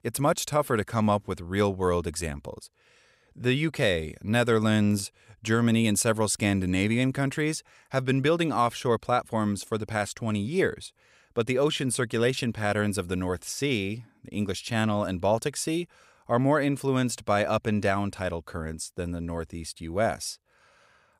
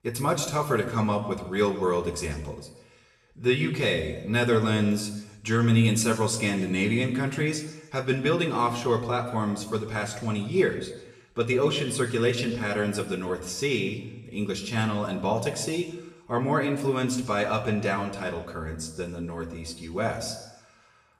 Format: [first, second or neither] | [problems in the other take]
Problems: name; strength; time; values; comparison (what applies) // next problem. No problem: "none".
first | room echo; slight; dies away in 0.9 s // off-mic speech; far